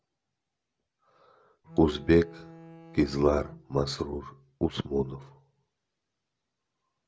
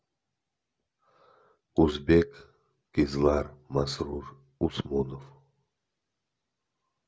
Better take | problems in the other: second | background sound (Bowed string instrument); 17 dB below the speech

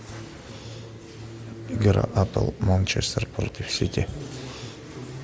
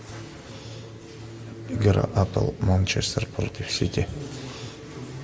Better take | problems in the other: first | room echo; dies away in 1.5 s

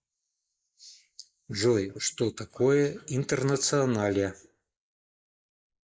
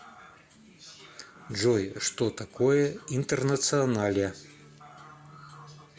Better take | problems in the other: second | noise reduction (neural mask model Resemble Enhance denoiser)

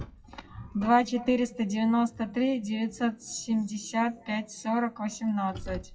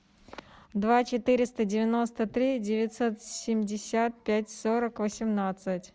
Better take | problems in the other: second | noise reduction (classical method WPE with log-MMSE)

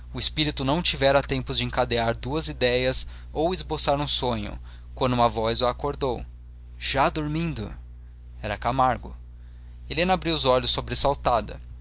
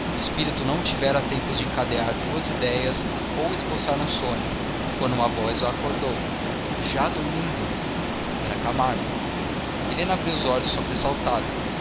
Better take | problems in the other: first | background sound (Water); 1 dB above the speech

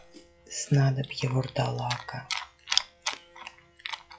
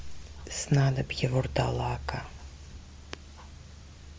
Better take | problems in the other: second | noise reduction (classical method log-MMSE)

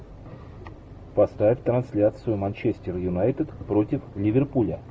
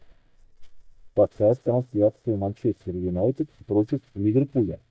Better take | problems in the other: first | noise reduction (neural mask model DeepFilterNet 3)

